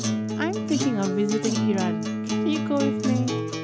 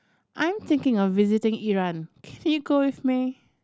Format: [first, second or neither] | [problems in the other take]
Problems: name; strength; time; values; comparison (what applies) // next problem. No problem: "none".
second | background sound (Acoustic guitar); 1 dB above the speech